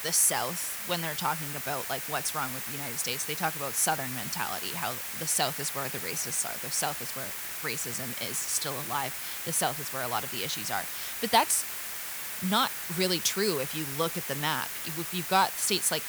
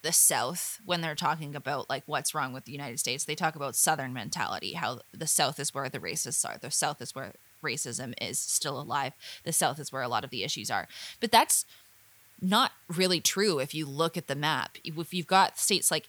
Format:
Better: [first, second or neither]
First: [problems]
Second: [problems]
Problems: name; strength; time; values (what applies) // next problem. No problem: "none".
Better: second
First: hiss; loud; throughout; 3 dB below the speech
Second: hiss; faint; throughout; 25 dB below the speech